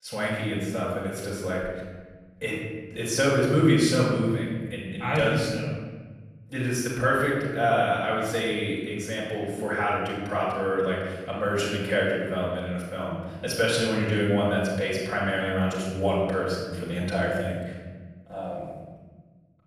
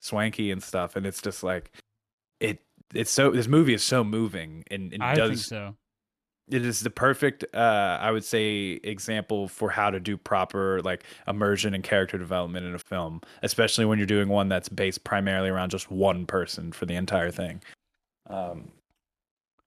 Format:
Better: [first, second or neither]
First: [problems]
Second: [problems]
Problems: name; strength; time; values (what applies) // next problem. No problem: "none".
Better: second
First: off-mic speech; far // room echo; noticeable; dies away in 1.5 s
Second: none